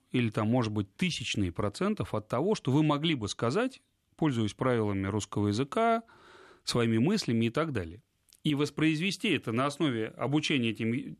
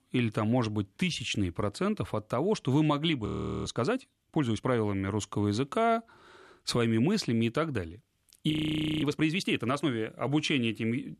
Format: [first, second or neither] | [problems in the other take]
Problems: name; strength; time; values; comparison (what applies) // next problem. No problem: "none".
first | audio freezing; at 3.5 s and at 8.5 s for 0.5 s